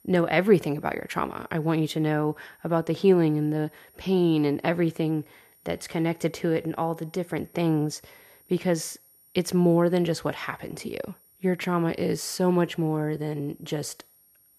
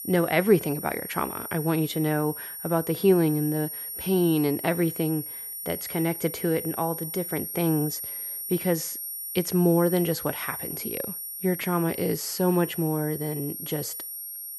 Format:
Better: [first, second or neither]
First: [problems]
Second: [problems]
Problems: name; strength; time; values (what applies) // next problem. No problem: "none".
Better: first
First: high-pitched whine; faint; throughout; 11.5 kHz, 30 dB below the speech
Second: high-pitched whine; loud; throughout; 11.5 kHz, 7 dB below the speech